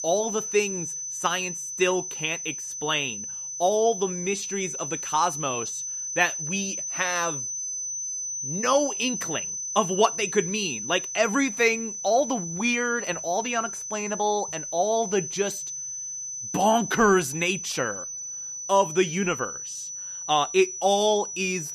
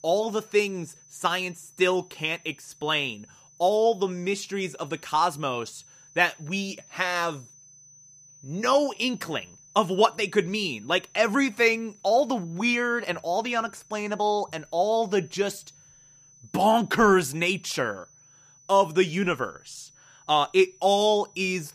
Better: second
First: high-pitched whine; loud; throughout; 6 kHz, 5 dB below the speech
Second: high-pitched whine; faint; throughout; 6 kHz, 25 dB below the speech

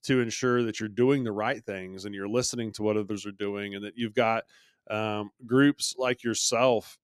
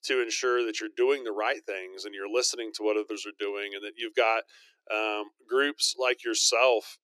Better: first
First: none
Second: thin; very; fading below 300 Hz

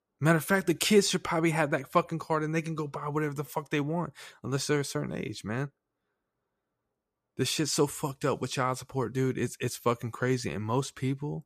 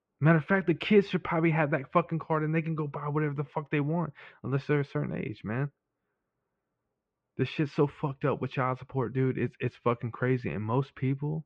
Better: first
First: none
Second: muffled; very; fading above 2.5 kHz

